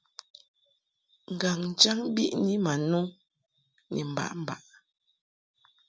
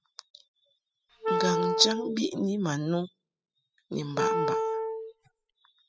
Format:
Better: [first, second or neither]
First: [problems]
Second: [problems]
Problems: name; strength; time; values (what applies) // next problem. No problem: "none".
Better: first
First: none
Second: noise reduction (classical method spectral subtraction)